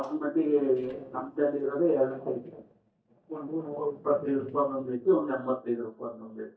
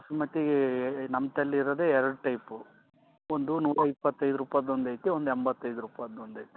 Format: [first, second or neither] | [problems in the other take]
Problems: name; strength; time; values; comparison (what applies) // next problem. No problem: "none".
second | noise reduction (neural mask model DeepFilterNet 3)